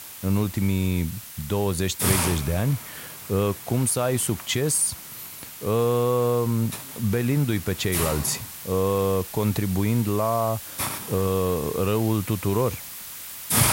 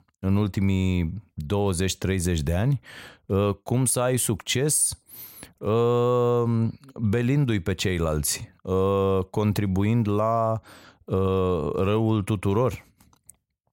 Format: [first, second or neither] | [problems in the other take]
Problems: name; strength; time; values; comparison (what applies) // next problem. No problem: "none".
second | hiss; loud; throughout; 7 dB below the speech